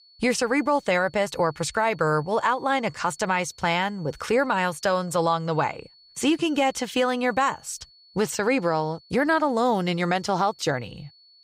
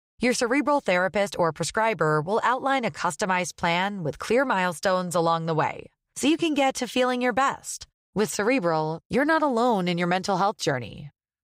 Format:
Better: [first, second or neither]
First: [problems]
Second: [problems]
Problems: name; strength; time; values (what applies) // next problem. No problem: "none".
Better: second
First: high-pitched whine; faint; throughout; 4.5 kHz, 30 dB below the speech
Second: none